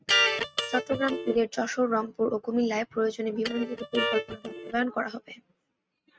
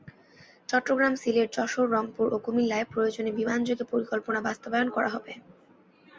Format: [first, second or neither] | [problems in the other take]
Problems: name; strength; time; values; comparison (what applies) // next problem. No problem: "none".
second | noise reduction (neural mask model RNNoise)